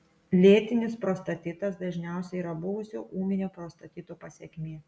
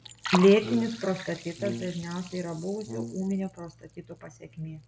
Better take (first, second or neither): first